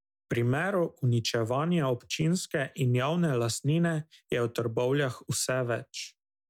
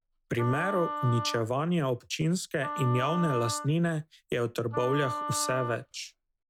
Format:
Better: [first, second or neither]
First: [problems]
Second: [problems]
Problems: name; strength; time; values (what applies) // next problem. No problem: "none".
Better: first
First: none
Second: background sound (Wind instrument, woodwind instrument); 8 dB below the speech